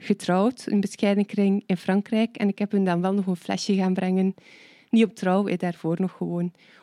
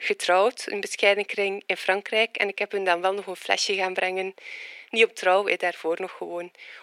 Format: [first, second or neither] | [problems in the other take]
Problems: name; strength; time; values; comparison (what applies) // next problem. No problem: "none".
first | thin; very; fading below 450 Hz